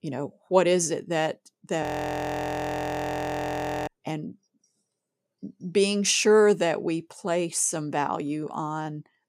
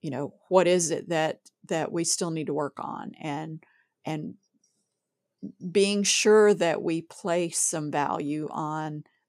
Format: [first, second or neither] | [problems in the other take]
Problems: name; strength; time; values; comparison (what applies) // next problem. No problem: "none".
second | audio freezing; at 2 s for 2 s